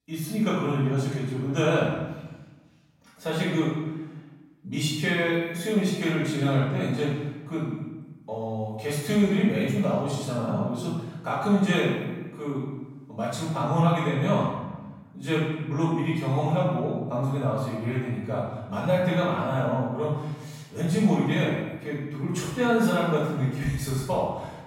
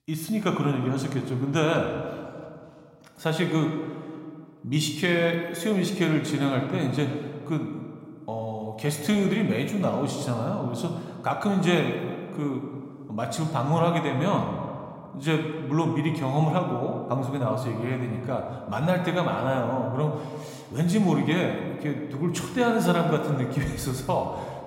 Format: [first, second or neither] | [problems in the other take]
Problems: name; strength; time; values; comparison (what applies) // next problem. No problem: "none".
second | room echo; strong; dies away in 1 s; slight in the second // off-mic speech; far